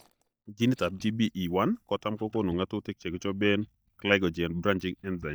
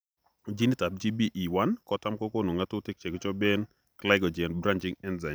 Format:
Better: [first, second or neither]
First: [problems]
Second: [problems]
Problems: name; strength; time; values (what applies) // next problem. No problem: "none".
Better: second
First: noise reduction (neural mask model DeepFilterNet 3)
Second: none